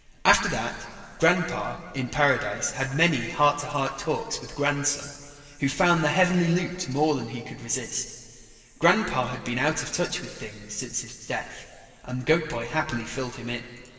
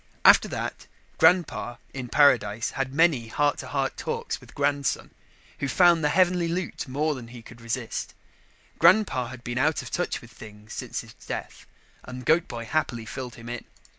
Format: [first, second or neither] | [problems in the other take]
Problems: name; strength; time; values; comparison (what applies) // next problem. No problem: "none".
second | room echo; dies away in 2.8 s